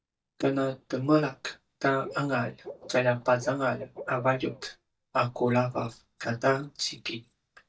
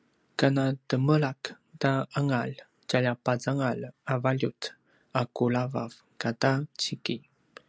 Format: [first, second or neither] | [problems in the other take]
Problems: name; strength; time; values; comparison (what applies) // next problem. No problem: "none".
second | noise reduction (neural mask model DeepFilterNet 3)